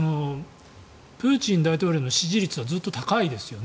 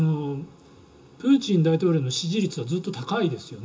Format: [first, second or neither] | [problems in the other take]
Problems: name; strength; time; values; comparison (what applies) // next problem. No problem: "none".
first | room echo; dies away in 0.2 s